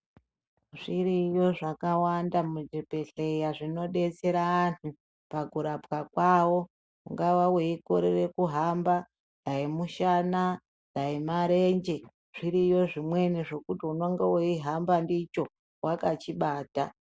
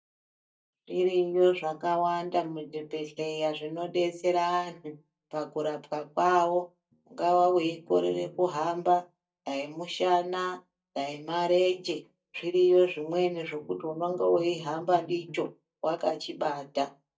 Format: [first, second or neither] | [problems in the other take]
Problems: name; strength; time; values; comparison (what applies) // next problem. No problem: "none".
first | noise reduction (neural mask model DeepFilterNet 3)